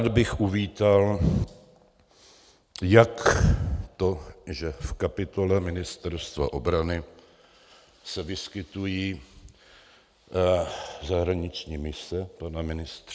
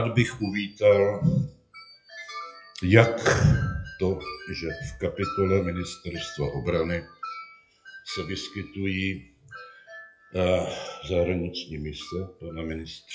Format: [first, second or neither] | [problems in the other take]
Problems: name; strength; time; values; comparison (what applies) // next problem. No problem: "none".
first | noise reduction (classical method WPE with log-MMSE)